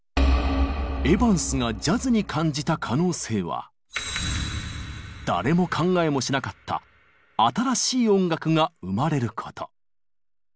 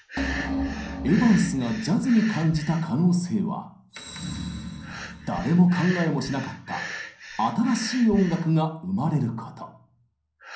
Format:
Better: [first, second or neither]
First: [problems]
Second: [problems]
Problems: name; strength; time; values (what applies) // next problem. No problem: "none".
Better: first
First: none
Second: background sound (Breathing); 15 dB below the speech // room echo; dies away in 0.6 s